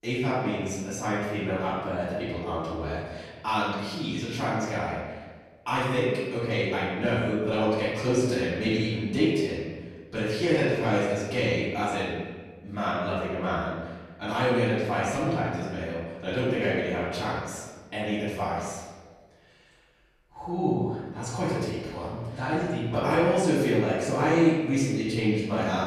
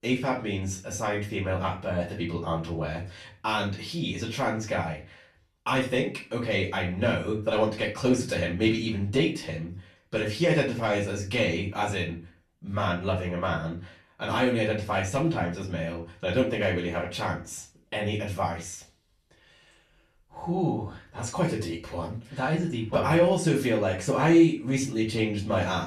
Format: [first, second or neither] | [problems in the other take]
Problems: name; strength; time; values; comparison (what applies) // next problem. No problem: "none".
second | room echo; strong; dies away in 1.2 s; slight in the second // off-mic speech; far; far in the second